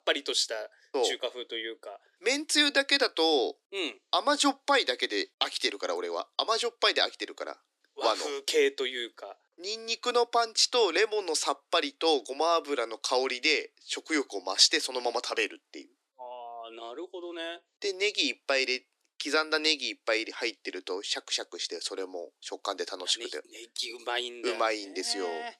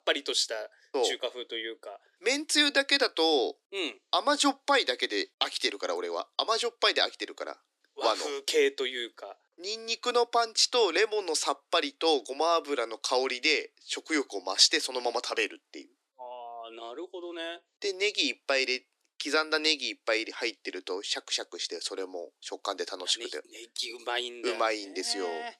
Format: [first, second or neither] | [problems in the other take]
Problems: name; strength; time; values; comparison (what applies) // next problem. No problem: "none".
neither | thin; somewhat; fading below 300 Hz; the same in both